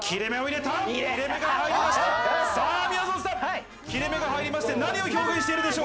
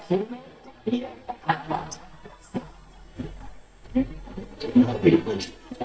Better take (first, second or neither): first